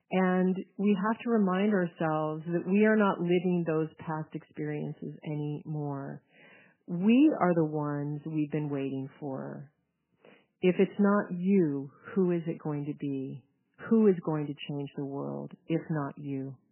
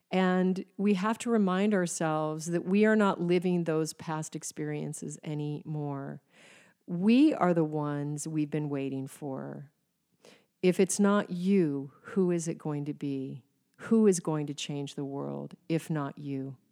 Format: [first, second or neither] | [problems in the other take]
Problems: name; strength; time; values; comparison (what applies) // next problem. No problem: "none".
second | garbled, watery; badly; nothing above 3 kHz